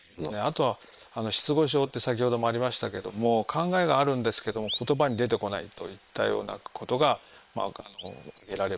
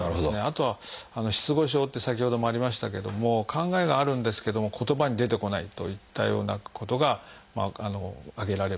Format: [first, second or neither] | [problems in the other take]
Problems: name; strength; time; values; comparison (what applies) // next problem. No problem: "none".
second | noise reduction (neural separator model SepFormer WHAM!)